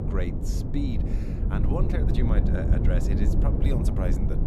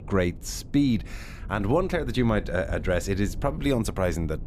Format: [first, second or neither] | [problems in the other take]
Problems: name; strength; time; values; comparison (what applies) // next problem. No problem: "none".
second | low rumble; loud; throughout; as loud as the speech; faint in the second